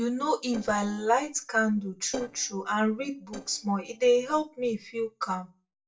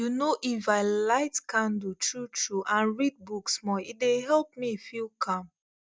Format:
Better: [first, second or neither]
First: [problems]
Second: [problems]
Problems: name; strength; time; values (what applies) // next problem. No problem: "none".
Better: second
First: noise reduction (neural separator model SepFormer DNS4)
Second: none